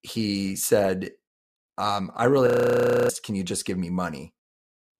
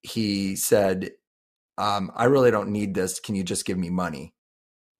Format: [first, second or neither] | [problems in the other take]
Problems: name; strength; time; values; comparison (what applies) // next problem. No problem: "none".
second | audio freezing; at 2.5 s for 0.5 s